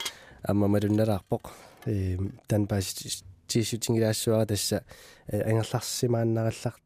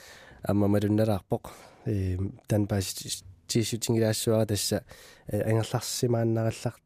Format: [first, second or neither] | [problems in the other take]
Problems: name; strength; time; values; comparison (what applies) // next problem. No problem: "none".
second | clattering dishes; noticeable; until 2 s; peak 8 dB below the speech